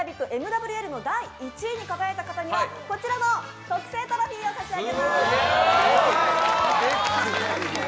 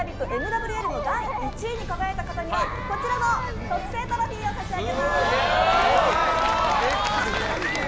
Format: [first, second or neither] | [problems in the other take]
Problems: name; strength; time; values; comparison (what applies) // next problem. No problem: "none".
first | background sound (Chatter); 7 dB below the speech